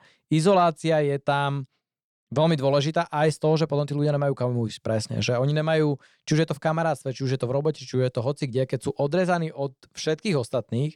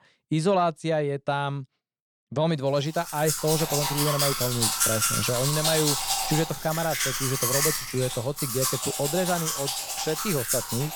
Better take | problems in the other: first | household noises; very loud; from 3.5 s on; 2 dB above the speech

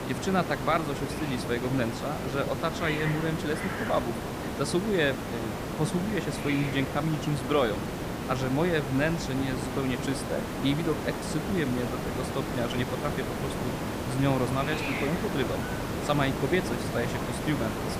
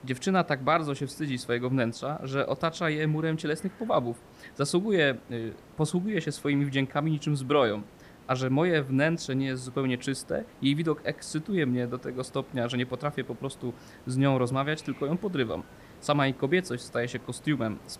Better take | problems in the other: second | hiss; loud; throughout; 3 dB below the speech; faint in the second

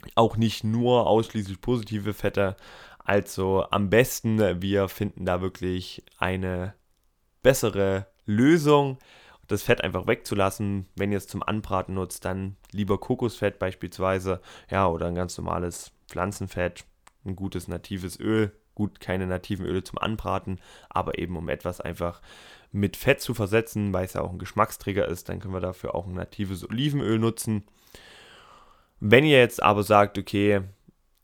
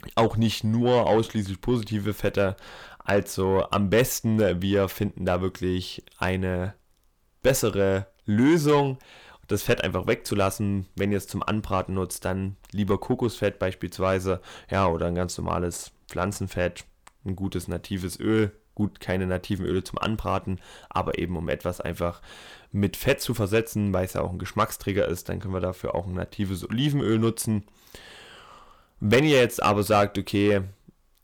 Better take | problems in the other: first | distortion; slight; 10 dB below the speech

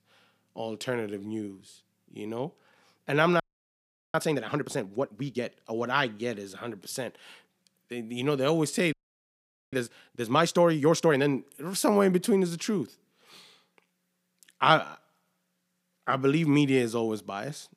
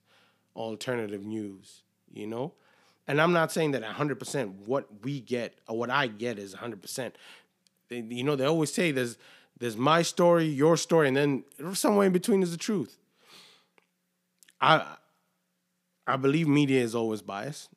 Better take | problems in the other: second | audio freezing; at 3.5 s for 0.5 s and at 9 s for 1 s

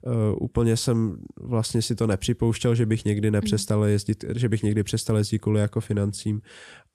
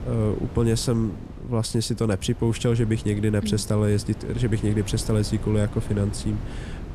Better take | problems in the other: first | wind noise on the microphone; occasional gusts; 15 dB below the speech

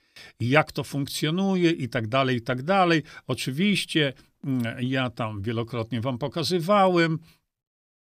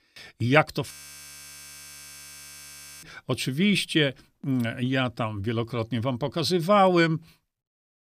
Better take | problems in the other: first | audio freezing; at 1 s for 2 s

